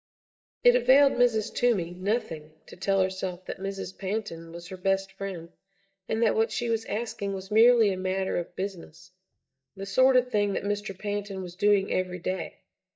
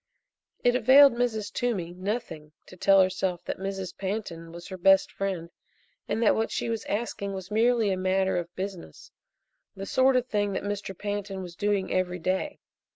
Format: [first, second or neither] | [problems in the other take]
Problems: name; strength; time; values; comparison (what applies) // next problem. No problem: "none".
second | noise reduction (neural mask model DeepFilterNet 3)